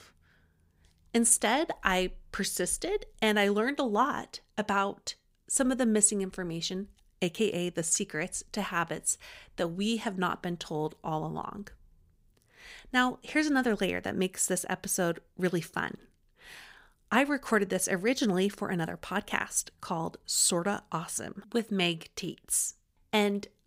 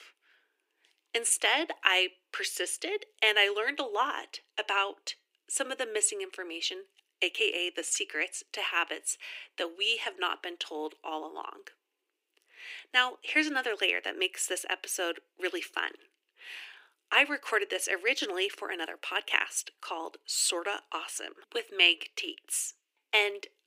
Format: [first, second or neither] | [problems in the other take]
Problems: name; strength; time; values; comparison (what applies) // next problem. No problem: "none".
first | thin; very; fading below 300 Hz